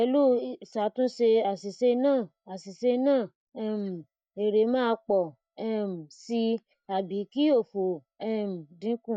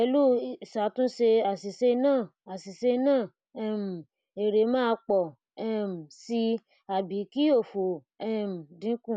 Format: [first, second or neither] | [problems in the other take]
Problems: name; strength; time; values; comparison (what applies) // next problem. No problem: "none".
second | noise reduction (neural mask model DeepFilterNet 3)